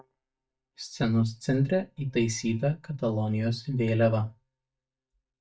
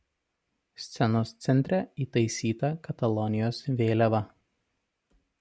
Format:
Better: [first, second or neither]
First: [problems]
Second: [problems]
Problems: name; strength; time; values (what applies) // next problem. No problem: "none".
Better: second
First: noise reduction (neural mask model DeepFilterNet 3)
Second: none